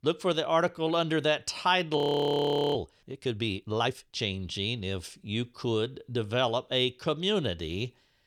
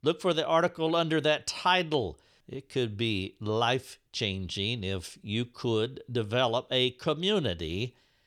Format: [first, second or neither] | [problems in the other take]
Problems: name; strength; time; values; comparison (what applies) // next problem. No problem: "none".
second | audio freezing; at 2 s for 1 s